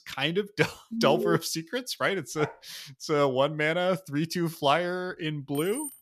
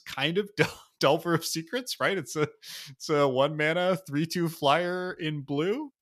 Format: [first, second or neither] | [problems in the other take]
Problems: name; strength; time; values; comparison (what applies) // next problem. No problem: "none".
second | alarm; noticeable; at 1 s; peak 1 dB below the speech // dog barking; faint; at 2.5 s; peak 15 dB below the speech // jangling keys; noticeable; at 5.5 s; peak 9 dB below the speech